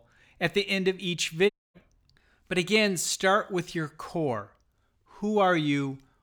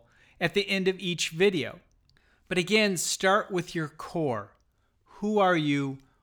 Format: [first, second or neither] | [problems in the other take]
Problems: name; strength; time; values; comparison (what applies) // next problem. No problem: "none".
second | audio cutting out; at 1.5 s